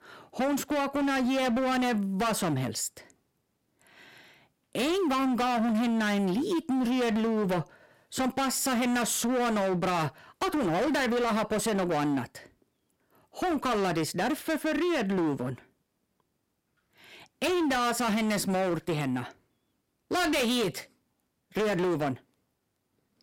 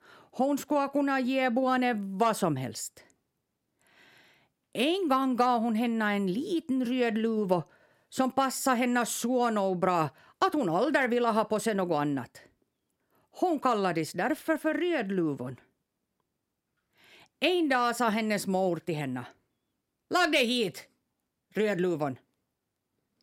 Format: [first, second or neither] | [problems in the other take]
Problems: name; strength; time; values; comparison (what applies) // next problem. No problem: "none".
second | distortion; heavy; 24% of the sound clipped